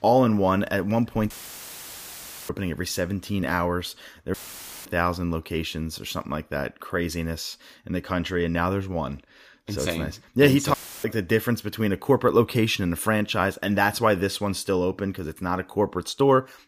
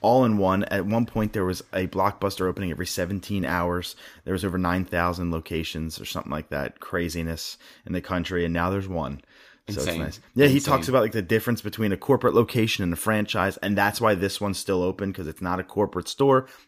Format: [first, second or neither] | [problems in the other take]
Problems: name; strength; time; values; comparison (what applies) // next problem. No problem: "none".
second | audio cutting out; filled with static; at 1.5 s for 1 s, at 4.5 s for 0.5 s and at 11 s